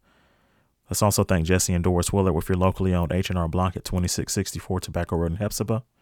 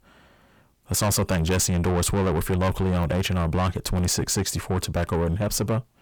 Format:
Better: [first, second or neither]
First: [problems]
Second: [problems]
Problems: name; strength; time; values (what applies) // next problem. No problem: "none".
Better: first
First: none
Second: distortion; heavy; 7 dB below the speech